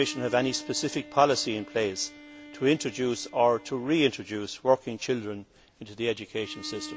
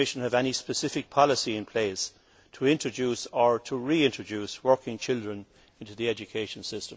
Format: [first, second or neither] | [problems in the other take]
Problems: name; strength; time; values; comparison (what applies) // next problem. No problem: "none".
second | background sound (Bowed string instrument); 18 dB below the speech